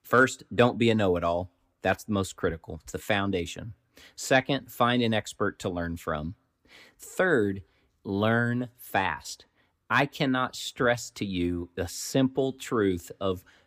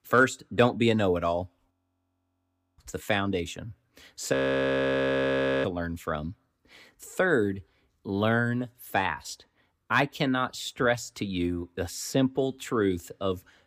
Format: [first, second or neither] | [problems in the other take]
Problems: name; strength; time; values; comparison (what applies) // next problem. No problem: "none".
first | audio freezing; at 1.5 s for 1 s and at 4.5 s for 1.5 s